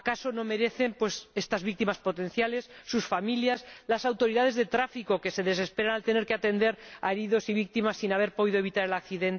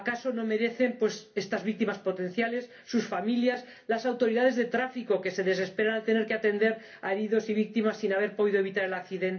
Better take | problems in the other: first | room echo; dies away in 0.3 s

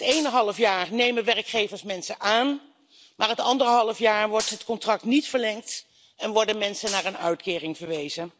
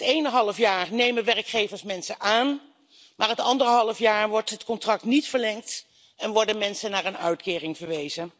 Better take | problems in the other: second | background sound (Gunshot, gunfire); 14 dB below the speech

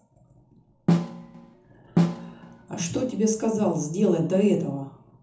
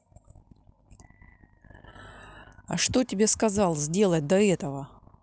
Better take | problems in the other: second | background sound (Snare drum); as loud as the speech // room echo; dies away in 0.7 s

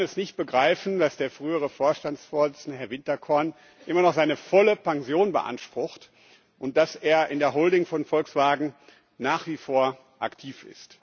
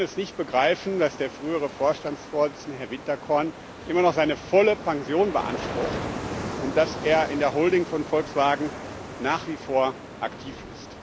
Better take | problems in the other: first | background sound (Ocean); 10 dB below the speech

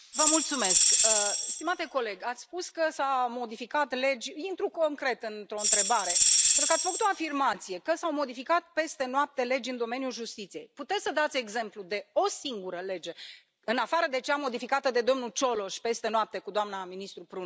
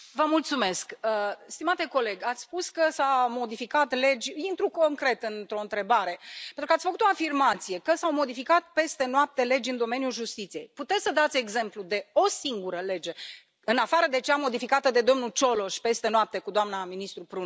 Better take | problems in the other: second | background sound (Tambourine); 5 dB above the speech

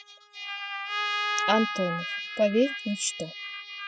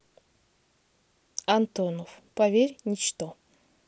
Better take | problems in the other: second | noise reduction (classical method spectral subtraction)

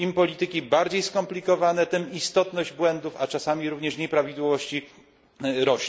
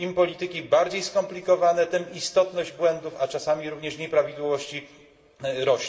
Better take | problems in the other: first | room echo; dies away in 1.8 s

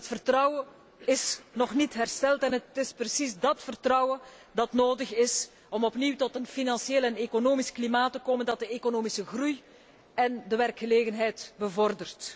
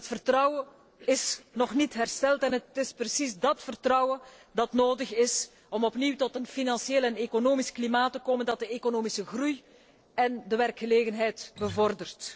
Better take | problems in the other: first | noise reduction (neural separator model SepFormer DNS4)

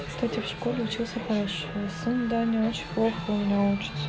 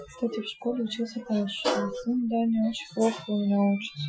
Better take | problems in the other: first | noise reduction (classical method Wiener filter)

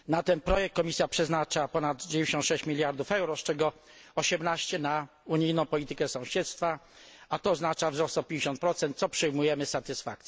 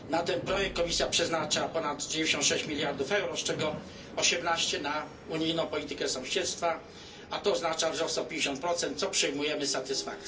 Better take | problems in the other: first | background sound (Subway, metro, underground); 14 dB below the speech // room echo; dies away in 0.3 s

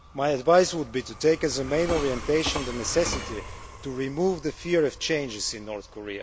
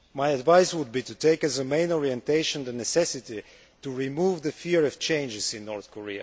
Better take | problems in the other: second | background sound (Train); 12 dB below the speech

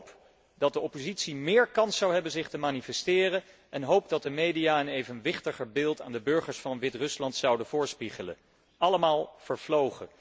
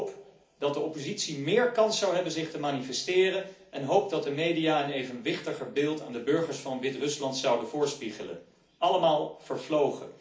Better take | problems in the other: first | room echo; dies away in 0.4 s

